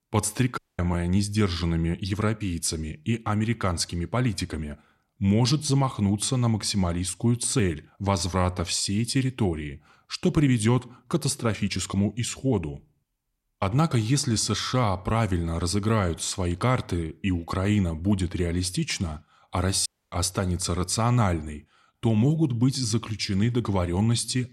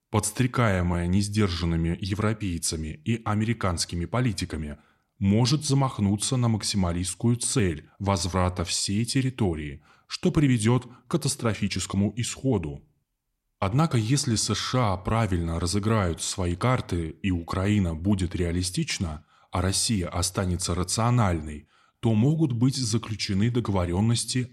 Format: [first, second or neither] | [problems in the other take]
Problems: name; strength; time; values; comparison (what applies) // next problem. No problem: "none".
second | audio cutting out; at 0.5 s and at 20 s